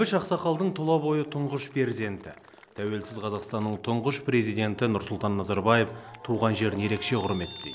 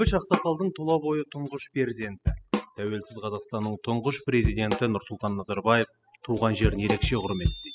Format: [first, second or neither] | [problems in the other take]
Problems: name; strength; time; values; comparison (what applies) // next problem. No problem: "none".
first | noise reduction (classical method spectral subtraction)